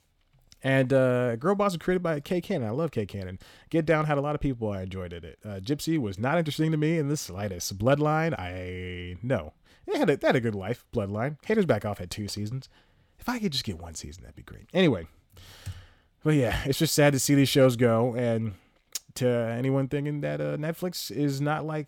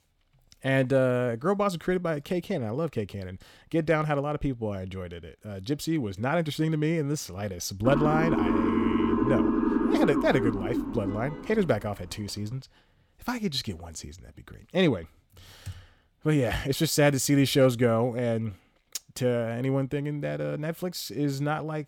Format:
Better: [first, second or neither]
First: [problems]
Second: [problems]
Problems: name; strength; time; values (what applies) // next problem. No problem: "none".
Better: first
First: none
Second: siren; loud; from 8 to 12 s; peak 3 dB above the speech